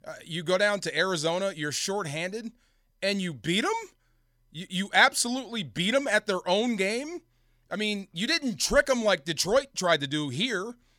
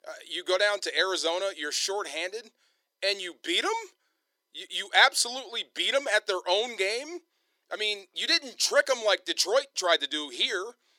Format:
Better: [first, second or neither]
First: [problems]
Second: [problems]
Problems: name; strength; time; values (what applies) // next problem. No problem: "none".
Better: first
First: none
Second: thin; very; fading below 350 Hz